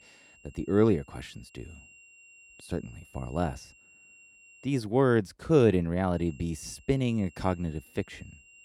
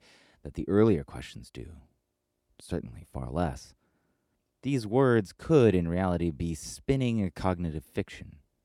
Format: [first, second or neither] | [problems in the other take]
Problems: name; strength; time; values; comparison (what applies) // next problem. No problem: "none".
second | high-pitched whine; faint; until 4.5 s and from 6 s on; 3 kHz, 25 dB below the speech